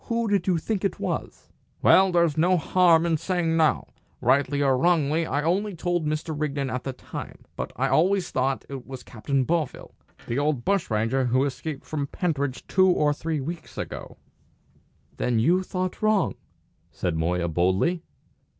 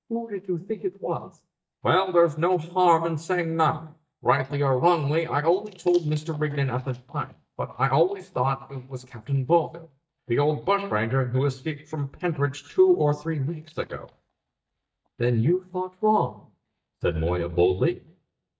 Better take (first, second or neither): first